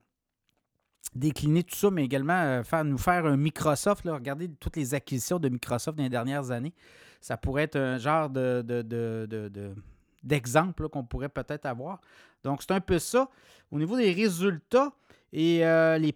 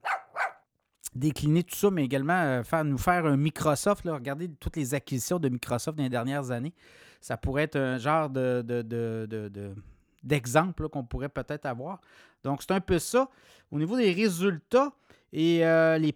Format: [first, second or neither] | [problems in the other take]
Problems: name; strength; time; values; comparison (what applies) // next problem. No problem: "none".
first | dog barking; noticeable; at the start; peak 3 dB below the speech